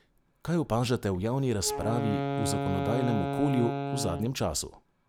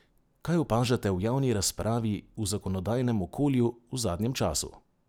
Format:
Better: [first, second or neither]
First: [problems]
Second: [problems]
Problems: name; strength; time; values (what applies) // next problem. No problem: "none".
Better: second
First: background sound (Wind instrument, woodwind instrument); 4 dB below the speech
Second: none